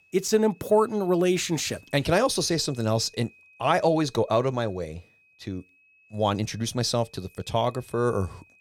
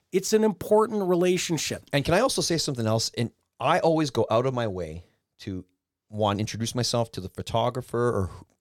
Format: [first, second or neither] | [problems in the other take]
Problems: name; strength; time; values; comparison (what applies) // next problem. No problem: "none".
second | high-pitched whine; faint; throughout; 2.5 kHz, 30 dB below the speech